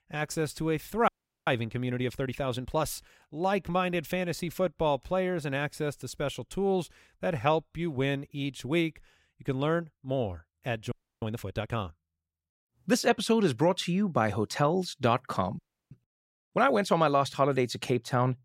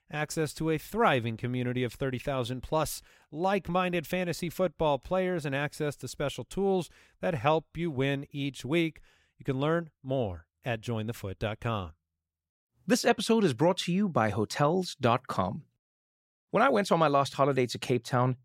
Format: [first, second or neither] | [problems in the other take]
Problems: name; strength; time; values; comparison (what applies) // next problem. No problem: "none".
second | audio freezing; at 1 s, at 11 s and at 16 s